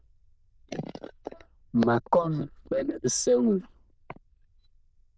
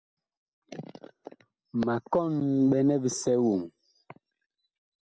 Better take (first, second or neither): second